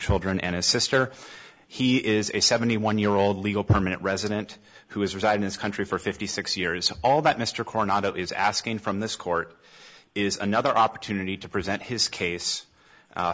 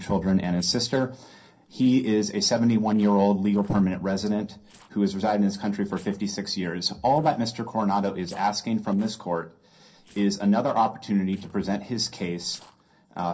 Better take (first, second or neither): first